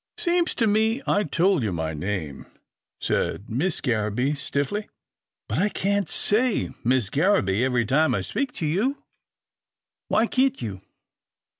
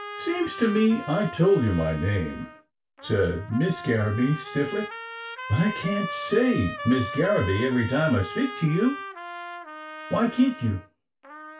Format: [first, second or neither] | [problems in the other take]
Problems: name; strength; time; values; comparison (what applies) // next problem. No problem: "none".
first | background sound (Trumpet); 12 dB below the speech // room echo; dies away in 0.2 s